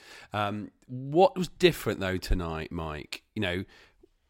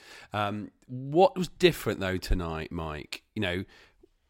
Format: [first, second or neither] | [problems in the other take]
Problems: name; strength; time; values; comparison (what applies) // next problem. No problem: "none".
neither | none